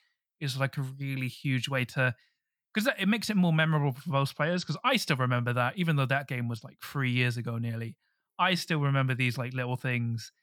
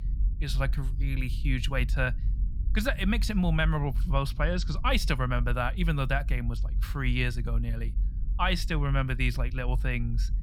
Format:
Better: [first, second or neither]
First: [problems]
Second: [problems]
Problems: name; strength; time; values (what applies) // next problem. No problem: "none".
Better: first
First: none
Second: low rumble; faint; throughout; 20 dB below the speech